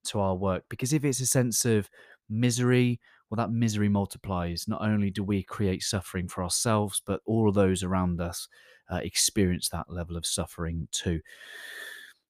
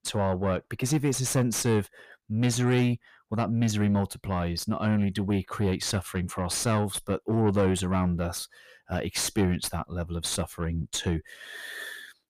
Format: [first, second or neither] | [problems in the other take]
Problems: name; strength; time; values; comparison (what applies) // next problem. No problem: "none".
first | distortion; slight; 10 dB below the speech